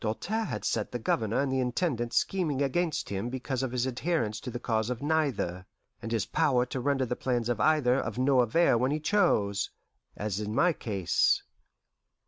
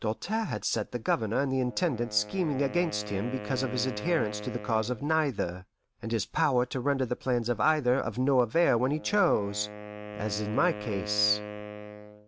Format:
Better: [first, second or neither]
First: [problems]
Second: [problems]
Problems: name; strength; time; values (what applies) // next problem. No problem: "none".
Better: first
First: none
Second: background sound (Wind instrument, woodwind instrument); 13 dB below the speech